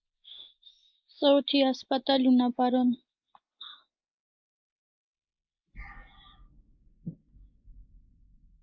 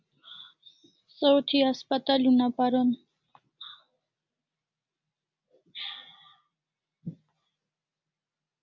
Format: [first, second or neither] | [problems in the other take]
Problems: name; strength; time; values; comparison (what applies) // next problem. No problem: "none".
second | noise reduction (neural mask model Resemble Enhance denoiser)